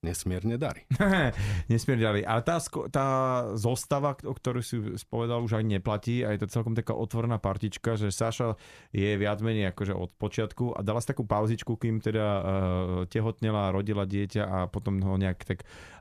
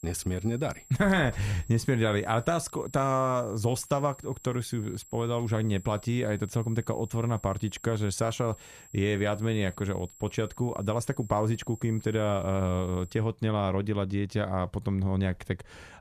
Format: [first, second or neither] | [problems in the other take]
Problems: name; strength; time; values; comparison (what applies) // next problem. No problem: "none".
first | high-pitched whine; faint; until 13 s; 7.5 kHz, 20 dB below the speech